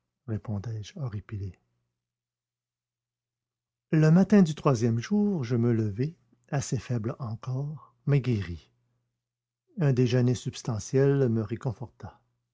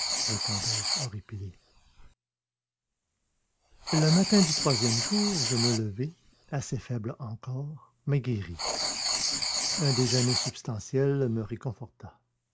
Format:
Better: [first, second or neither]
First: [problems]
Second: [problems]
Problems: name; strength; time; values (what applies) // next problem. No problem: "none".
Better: first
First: none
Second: background sound (Writing); 3 dB below the speech